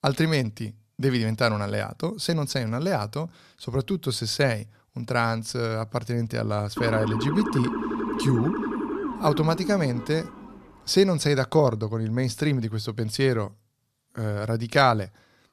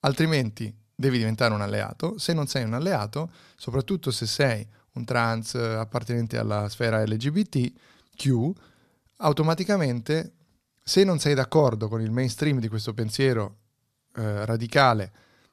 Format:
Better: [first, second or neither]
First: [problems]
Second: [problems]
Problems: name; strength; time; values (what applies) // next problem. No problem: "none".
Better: second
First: siren; noticeable; from 7 to 11 s; peak 3 dB below the speech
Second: none